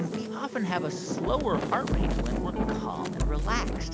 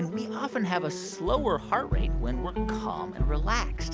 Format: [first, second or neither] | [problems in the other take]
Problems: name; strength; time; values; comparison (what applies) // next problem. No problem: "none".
second | background sound (Wind); 4 dB below the speech